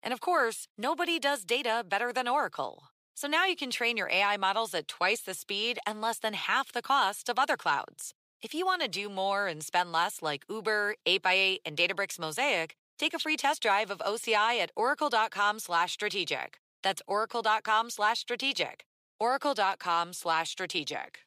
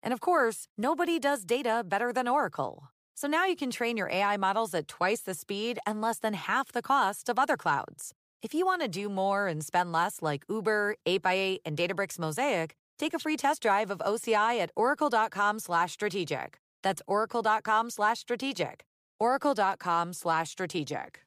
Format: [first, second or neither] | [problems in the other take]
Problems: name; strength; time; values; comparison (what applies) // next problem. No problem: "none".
second | thin; very slightly; fading below 450 Hz